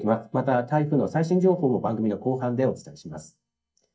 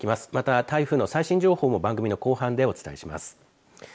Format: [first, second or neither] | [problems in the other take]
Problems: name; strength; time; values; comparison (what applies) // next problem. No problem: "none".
second | noise reduction (neural mask model DeepFilterNet 3)